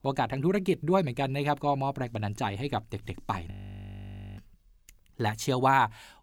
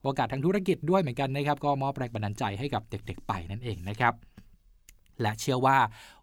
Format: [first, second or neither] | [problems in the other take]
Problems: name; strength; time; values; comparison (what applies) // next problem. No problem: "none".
second | audio freezing; at 3.5 s for 1 s